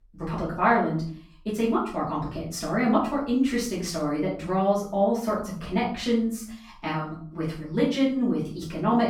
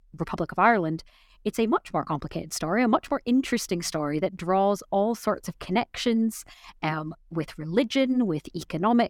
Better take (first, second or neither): second